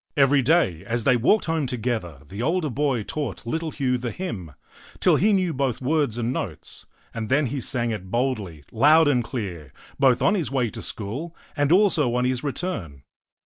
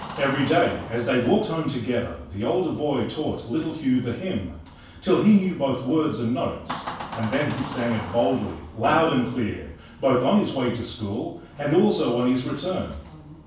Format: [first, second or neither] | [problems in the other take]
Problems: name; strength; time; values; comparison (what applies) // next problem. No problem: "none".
first | background sound (Door); 16 dB below the speech // room echo; dies away in 0.7 s